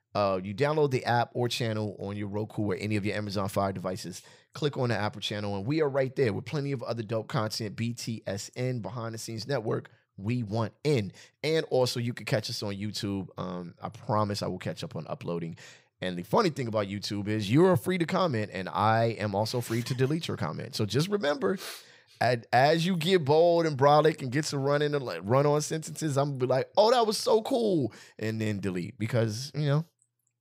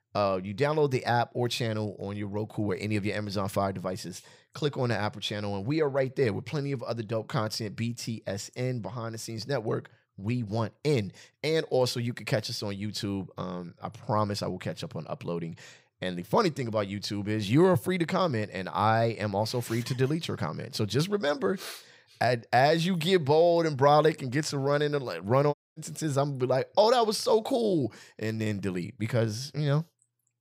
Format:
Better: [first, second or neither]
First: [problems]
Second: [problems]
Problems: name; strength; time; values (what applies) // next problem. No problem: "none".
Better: first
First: none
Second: audio cutting out; at 26 s